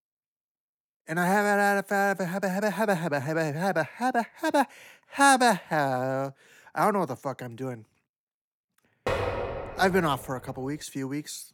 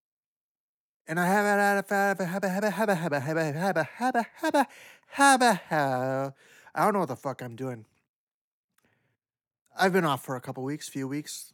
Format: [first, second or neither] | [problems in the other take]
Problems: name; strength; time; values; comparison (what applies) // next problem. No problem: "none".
second | door banging; noticeable; from 9 to 10 s; peak 2 dB below the speech